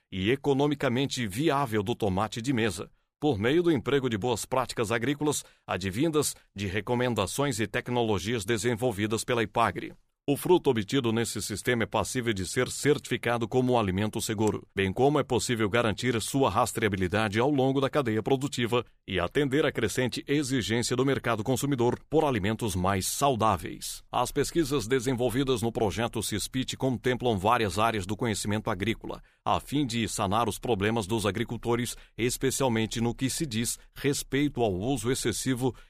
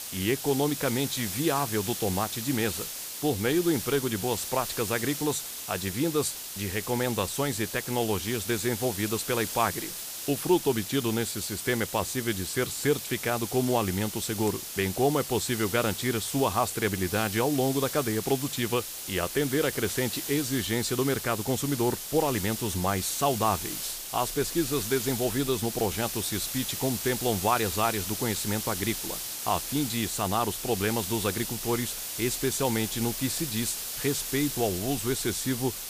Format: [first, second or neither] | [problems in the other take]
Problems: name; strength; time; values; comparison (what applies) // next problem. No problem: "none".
first | hiss; loud; throughout; 5 dB below the speech